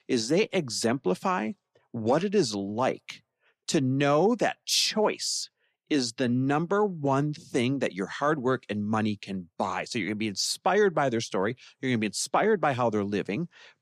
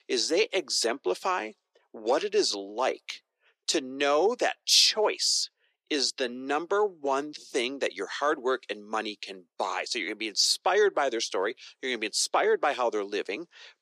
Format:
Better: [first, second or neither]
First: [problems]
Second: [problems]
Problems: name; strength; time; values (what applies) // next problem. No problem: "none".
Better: first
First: none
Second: thin; somewhat; fading below 350 Hz